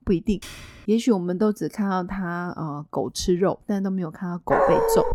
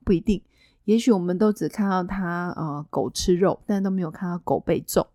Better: second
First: keyboard typing; faint; at 0.5 s; peak 15 dB below the speech // dog barking; loud; at 4.5 s; peak 5 dB above the speech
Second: none

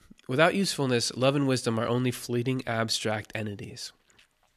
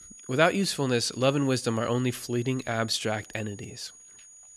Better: first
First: none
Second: high-pitched whine; noticeable; throughout; 6.5 kHz, 20 dB below the speech

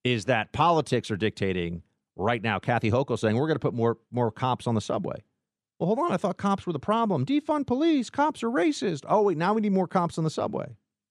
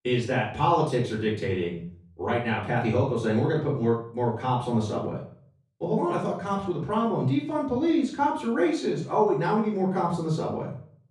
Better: first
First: none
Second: off-mic speech; far // room echo; noticeable; dies away in 0.4 s

